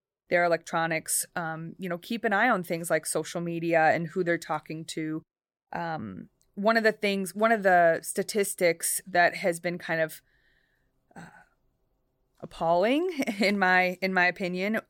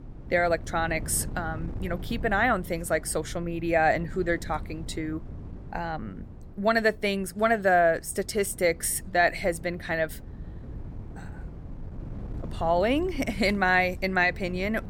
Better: first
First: none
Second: wind noise on the microphone; occasional gusts; 25 dB below the speech

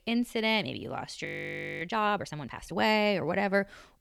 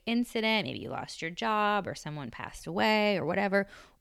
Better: second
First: audio freezing; at 1.5 s for 0.5 s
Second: none

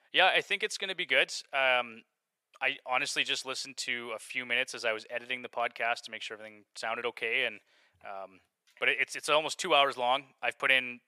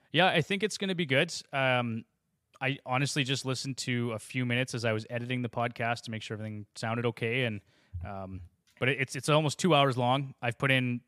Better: second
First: thin; very; fading below 600 Hz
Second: none

